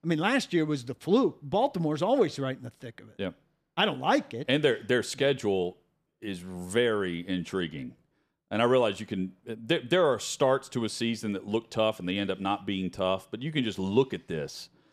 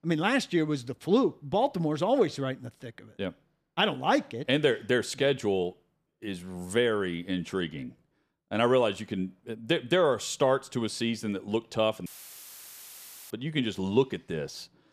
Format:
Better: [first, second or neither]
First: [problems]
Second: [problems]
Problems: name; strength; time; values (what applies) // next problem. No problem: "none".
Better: first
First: none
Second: audio cutting out; filled with static; at 12 s for 1.5 s